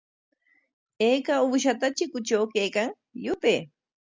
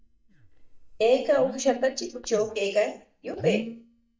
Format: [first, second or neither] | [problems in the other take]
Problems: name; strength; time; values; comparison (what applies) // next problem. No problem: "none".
first | noise reduction (neural mask model DeepFilterNet 3)